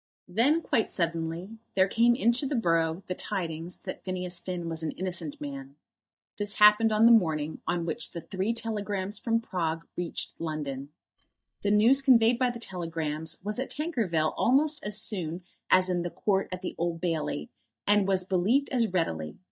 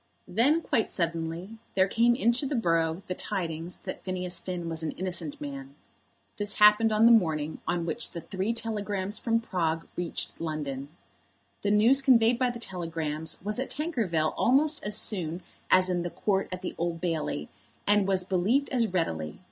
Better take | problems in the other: second | noise reduction (neural mask model DeepFilterNet 3)

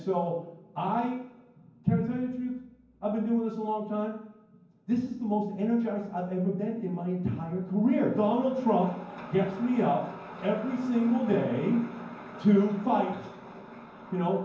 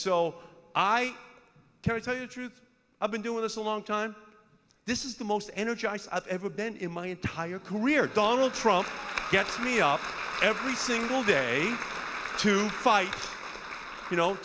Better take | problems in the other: second | room echo; dies away in 0.9 s

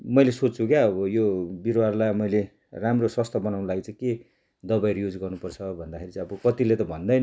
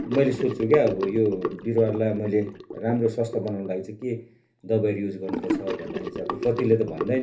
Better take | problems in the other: first | background sound (Sink (filling or washing) / Gurgling); 9 dB below the speech // room echo; dies away in 0.3 s

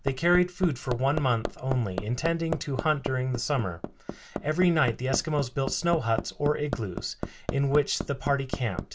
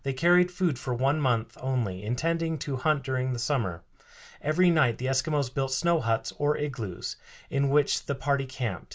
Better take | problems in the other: second | background sound (Hammer); 9 dB below the speech

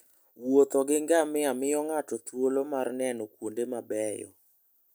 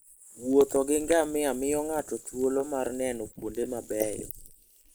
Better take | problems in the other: first | noise reduction (neural mask model Resemble Enhance denoiser)

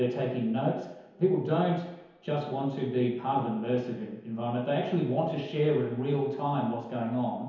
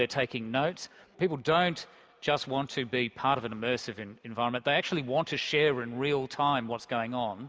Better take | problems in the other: second | room echo; dies away in 1 s

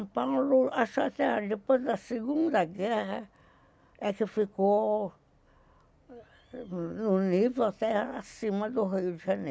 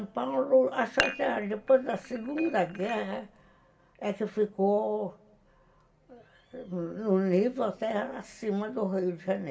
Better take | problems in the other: first | background sound (Dishes, pots, and pans); 8 dB below the speech // room echo; dies away in 0.8 s

